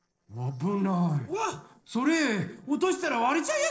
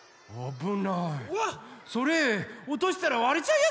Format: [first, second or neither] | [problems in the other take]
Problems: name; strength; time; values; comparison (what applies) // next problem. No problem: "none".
second | noise reduction (neural separator model SepFormer DNS4)